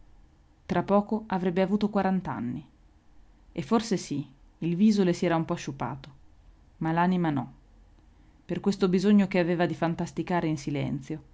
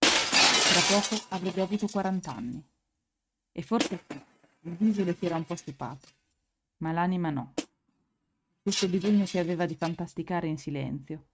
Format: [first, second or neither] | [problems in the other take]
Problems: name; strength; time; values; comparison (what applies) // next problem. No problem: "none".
first | noise reduction (neural mask model RNNoise)